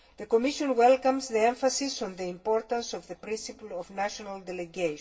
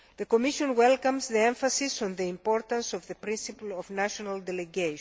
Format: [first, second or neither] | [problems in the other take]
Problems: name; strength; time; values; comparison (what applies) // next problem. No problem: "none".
second | room echo; dies away in 0.2 s